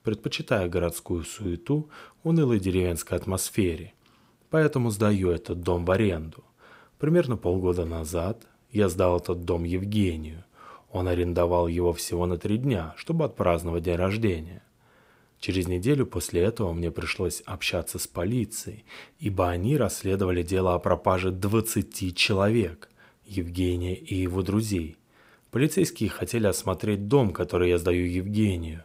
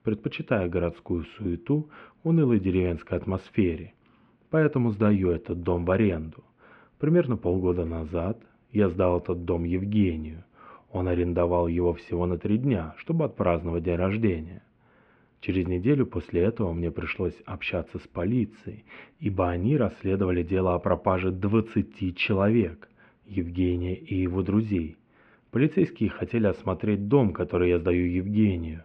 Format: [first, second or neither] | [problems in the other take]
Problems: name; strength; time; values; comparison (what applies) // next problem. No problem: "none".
first | muffled; very; fading above 2.5 kHz